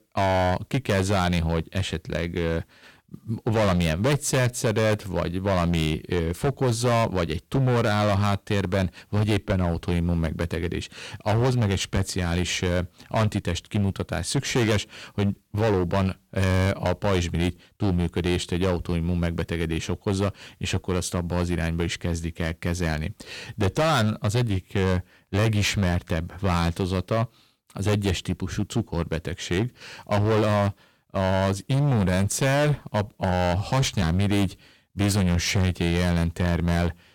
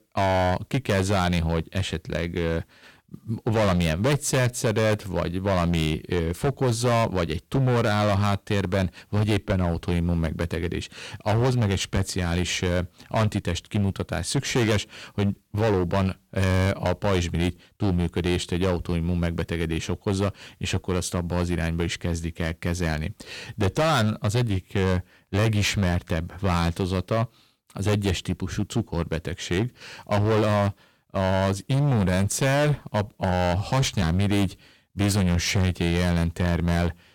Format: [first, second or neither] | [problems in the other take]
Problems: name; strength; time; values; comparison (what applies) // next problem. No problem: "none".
neither | distortion; heavy; 15% of the sound clipped; the same in both